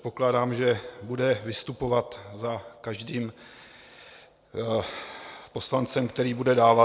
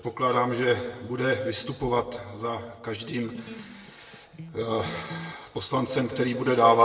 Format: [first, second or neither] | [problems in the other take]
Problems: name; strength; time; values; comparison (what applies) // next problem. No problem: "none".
first | background sound (Electric guitar); 16 dB below the speech // room echo; dies away in 0.9 s